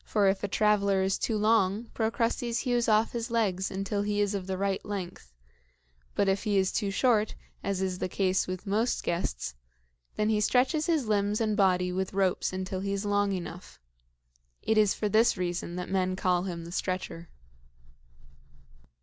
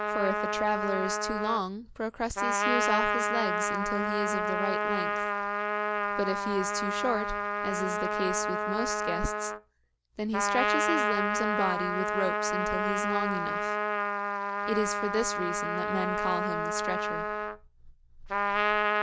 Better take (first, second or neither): first